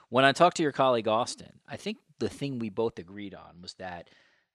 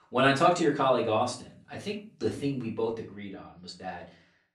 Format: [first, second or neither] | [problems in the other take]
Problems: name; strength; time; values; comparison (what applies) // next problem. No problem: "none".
first | off-mic speech; far // room echo; slight; dies away in 0.3 s